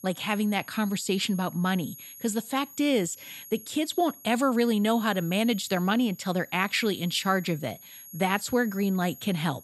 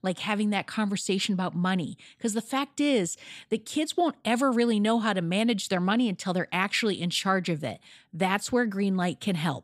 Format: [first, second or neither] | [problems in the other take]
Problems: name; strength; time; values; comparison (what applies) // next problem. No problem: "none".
second | high-pitched whine; noticeable; throughout; 11.5 kHz, 15 dB below the speech